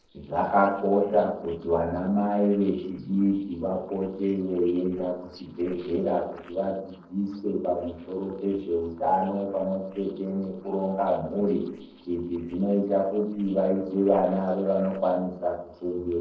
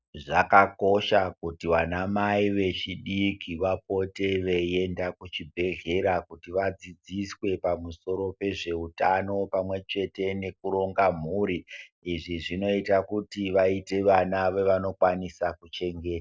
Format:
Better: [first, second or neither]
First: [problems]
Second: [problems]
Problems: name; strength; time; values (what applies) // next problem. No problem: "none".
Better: second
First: noise reduction (neural separator model SepFormer DNS4)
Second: none